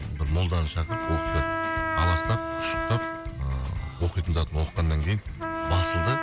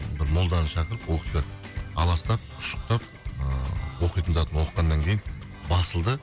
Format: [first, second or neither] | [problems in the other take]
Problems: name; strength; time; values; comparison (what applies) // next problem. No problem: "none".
second | background sound (Trumpet); 5 dB below the speech